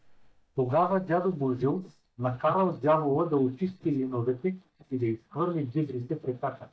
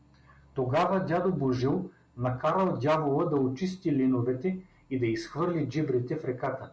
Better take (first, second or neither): second